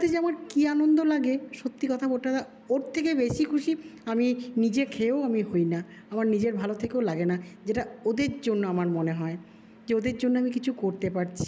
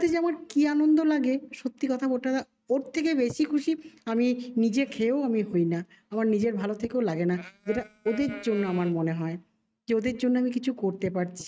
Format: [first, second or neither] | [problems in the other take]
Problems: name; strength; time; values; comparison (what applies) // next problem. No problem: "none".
first | noise reduction (neural mask model RNNoise)